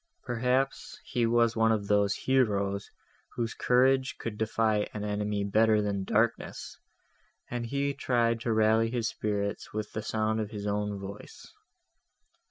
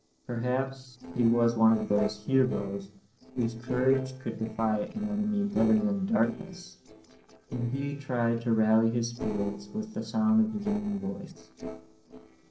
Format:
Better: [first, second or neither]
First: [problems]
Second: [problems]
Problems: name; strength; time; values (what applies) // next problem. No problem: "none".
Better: first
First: none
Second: noise reduction (neural separator model SepFormer DNS4)